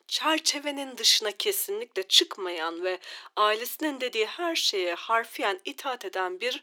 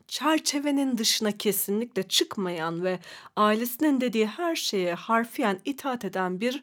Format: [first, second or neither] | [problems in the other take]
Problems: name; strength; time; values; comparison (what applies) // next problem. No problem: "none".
second | thin; somewhat; fading below 350 Hz